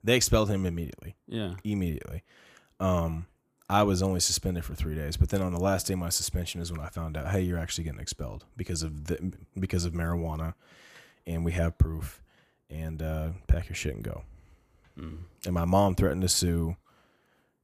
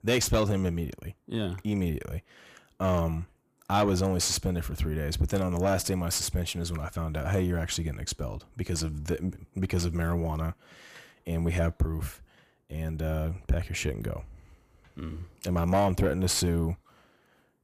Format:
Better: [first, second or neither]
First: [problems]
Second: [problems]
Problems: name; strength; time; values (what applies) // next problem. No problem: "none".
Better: first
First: none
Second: distortion; slight; 10 dB below the speech